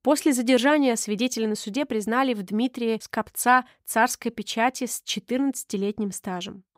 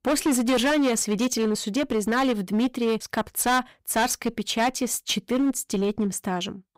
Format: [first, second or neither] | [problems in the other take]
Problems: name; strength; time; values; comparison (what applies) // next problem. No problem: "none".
first | distortion; heavy; 13% of the sound clipped